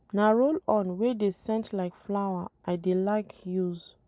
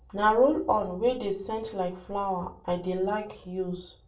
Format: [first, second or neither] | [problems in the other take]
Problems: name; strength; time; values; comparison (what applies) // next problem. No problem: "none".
first | room echo; dies away in 0.3 s